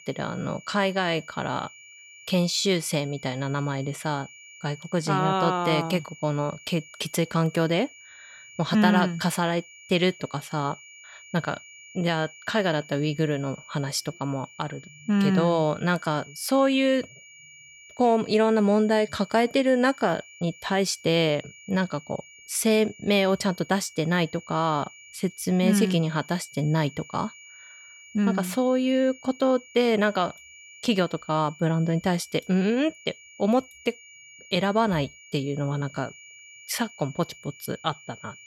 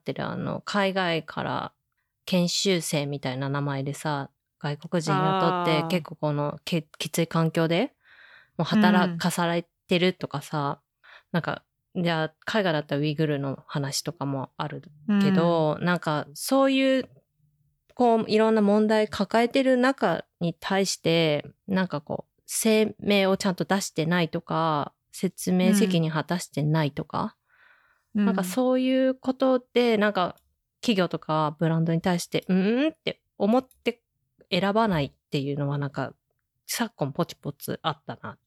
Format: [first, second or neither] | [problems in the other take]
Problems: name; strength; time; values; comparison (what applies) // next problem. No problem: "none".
second | high-pitched whine; faint; throughout; 2.5 kHz, 20 dB below the speech